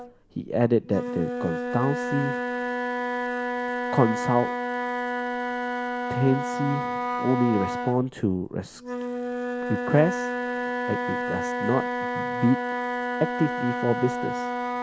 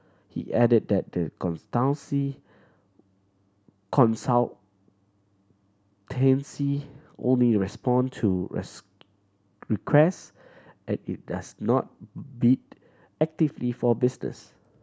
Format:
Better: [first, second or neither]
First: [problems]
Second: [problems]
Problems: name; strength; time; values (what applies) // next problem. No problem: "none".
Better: second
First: background sound (Wind instrument, woodwind instrument); 1 dB below the speech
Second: none